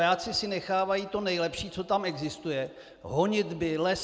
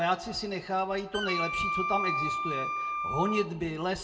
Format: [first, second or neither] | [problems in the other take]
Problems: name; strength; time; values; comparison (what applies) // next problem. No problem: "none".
first | background sound (Wind instrument, woodwind instrument); 1 dB below the speech // room echo; dies away in 0.2 s